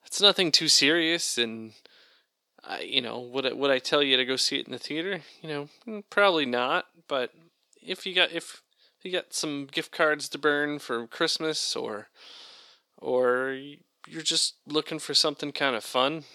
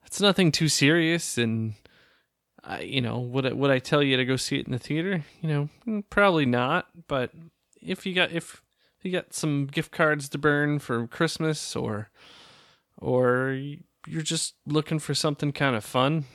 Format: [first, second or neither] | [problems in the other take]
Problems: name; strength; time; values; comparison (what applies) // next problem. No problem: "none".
second | thin; somewhat; fading below 400 Hz